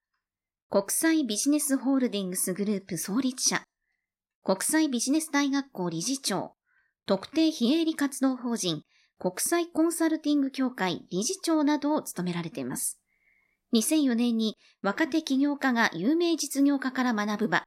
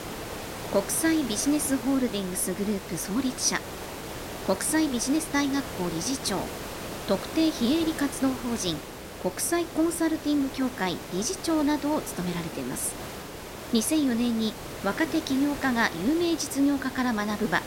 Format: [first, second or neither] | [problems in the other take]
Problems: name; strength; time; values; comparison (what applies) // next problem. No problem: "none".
first | hiss; loud; throughout; 10 dB below the speech